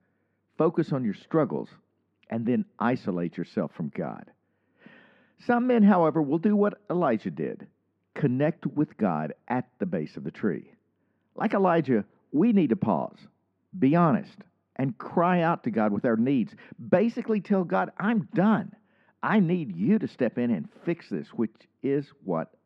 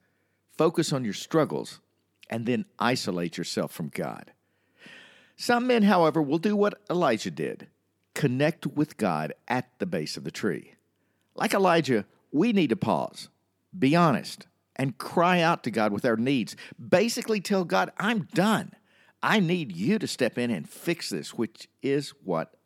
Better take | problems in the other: second | muffled; very; fading above 1.5 kHz

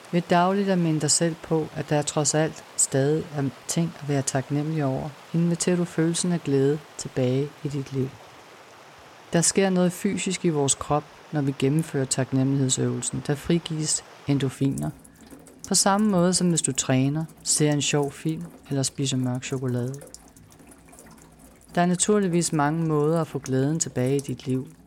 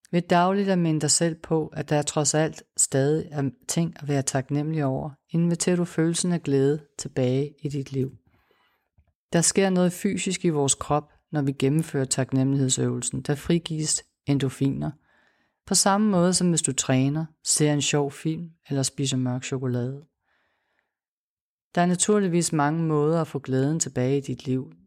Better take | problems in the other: second | rain or running water; faint; throughout; 20 dB below the speech

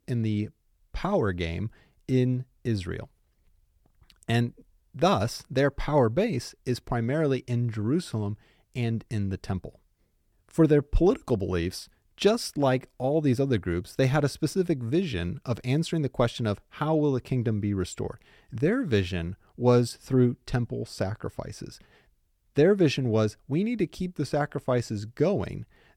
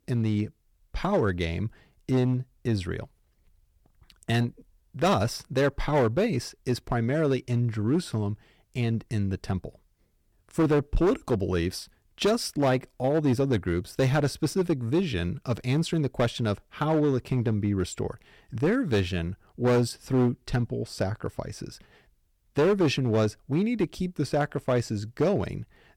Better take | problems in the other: first | distortion; slight; 5% of the sound clipped

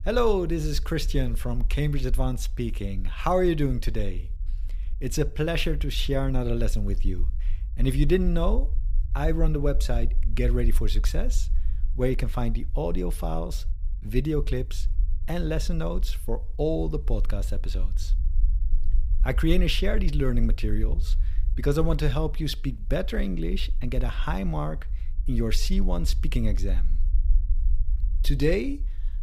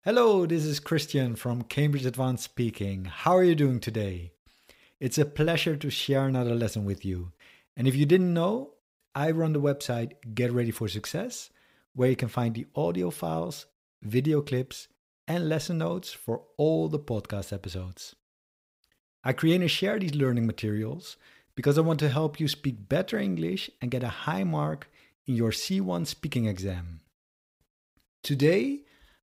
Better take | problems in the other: second | low rumble; faint; throughout; 25 dB below the speech

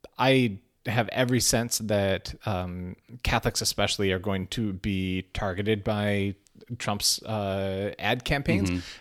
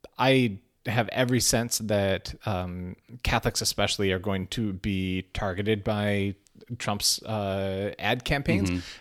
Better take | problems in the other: neither | none

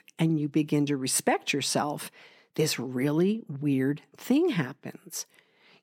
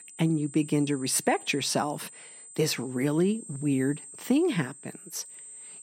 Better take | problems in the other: first | high-pitched whine; noticeable; throughout; 8.5 kHz, 15 dB below the speech

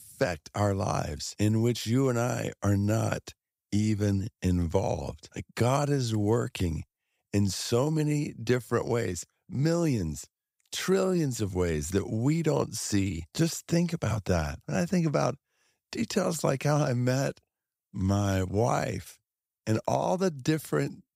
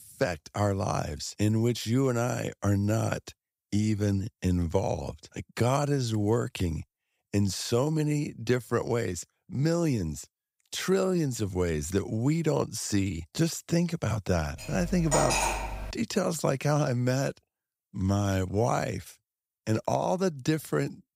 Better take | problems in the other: first | clattering dishes; loud; from 15 to 16 s; peak 3 dB above the speech

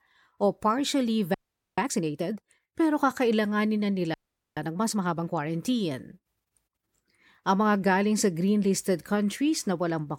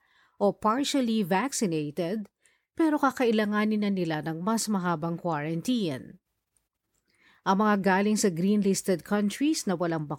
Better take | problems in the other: second | audio freezing; at 1.5 s and at 4 s

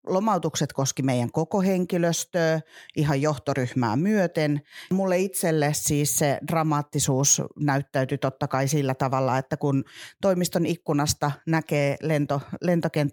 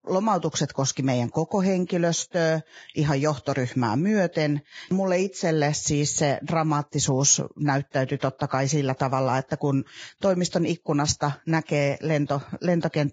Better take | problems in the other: first | garbled, watery; badly; nothing above 7.5 kHz

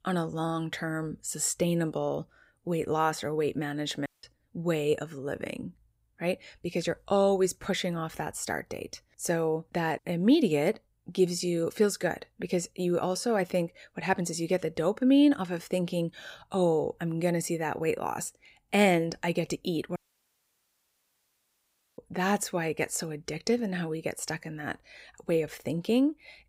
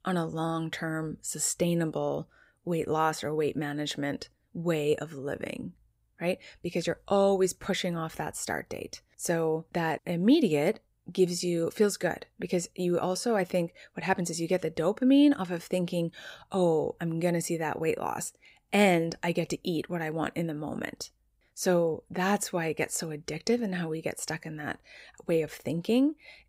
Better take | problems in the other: second | audio cutting out; at 4 s and at 20 s for 2 s

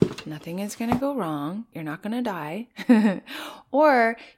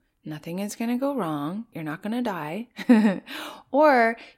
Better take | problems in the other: second | footsteps; noticeable; at the start; peak 2 dB below the speech

